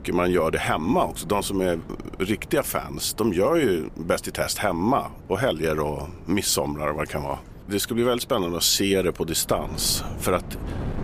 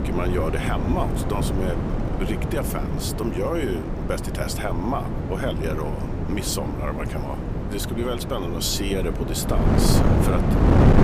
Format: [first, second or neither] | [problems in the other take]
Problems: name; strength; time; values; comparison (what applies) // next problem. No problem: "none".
first | wind noise on the microphone; heavy; 1 dB below the speech; occasional gusts in the first